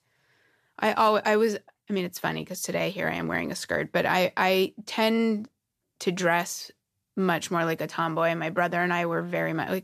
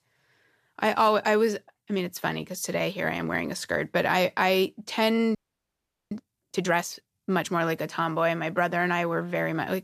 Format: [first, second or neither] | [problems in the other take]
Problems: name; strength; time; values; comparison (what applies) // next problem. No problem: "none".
first | audio freezing; at 5.5 s for 1 s